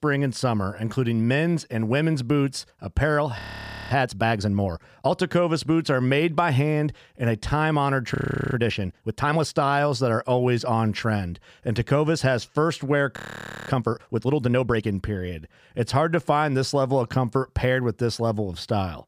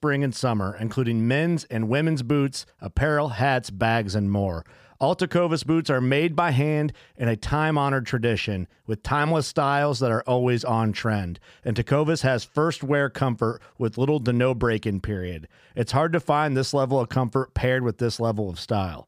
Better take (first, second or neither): second